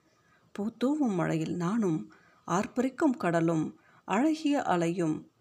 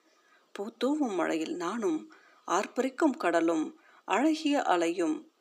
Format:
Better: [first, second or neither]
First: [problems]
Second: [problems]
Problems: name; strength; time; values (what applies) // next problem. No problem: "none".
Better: first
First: none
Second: thin; very slightly; fading below 300 Hz